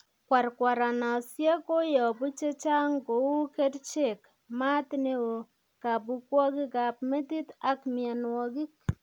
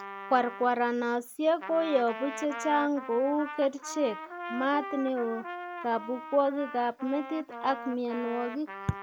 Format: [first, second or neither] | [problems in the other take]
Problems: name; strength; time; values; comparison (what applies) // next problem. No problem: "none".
first | background sound (Trumpet); 11 dB below the speech